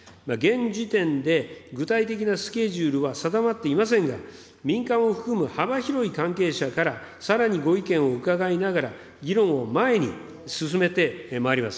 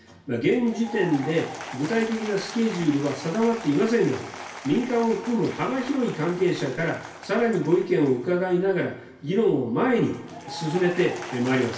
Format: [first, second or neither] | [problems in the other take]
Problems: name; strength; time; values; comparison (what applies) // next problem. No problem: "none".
first | background sound (Applause / Crowd); 15 dB below the speech // room echo; dies away in 0.3 s